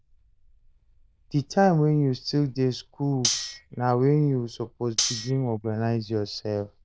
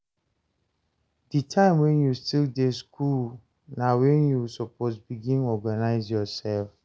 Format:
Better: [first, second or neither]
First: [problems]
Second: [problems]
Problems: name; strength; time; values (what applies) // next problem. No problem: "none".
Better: second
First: noise reduction (neural diffusion model UNIVERSE++)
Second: none